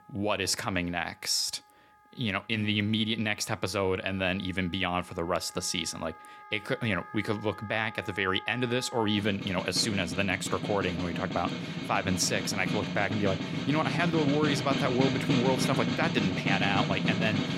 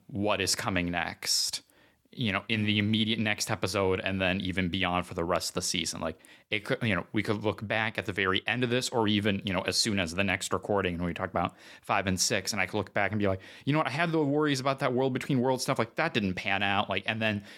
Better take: second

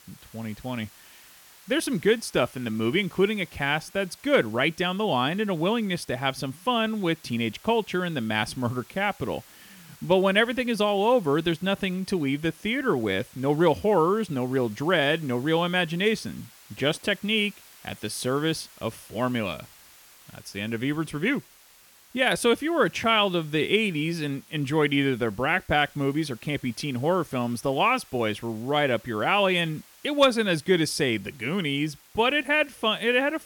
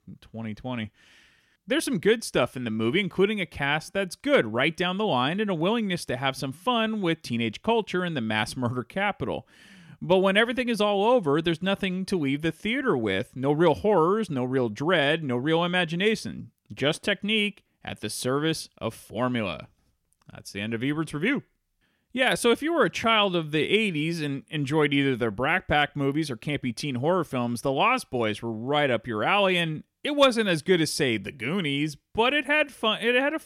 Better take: second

